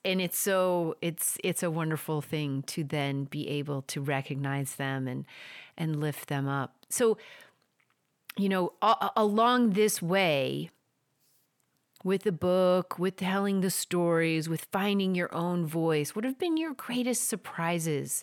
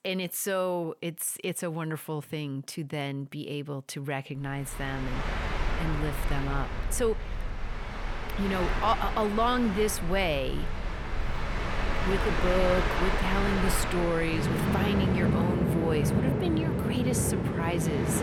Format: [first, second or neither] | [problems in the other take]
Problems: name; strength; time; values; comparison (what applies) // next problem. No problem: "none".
first | train or aircraft noise; very loud; from 4.5 s on; as loud as the speech